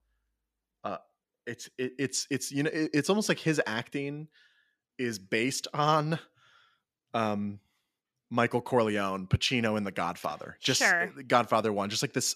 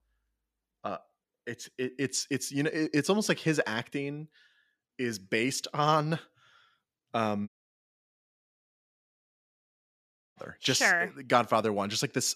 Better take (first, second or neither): first